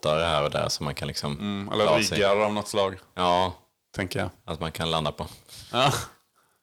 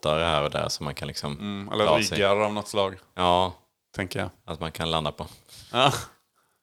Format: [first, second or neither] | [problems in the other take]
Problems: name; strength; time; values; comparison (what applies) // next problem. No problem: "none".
second | distortion; slight; 10 dB below the speech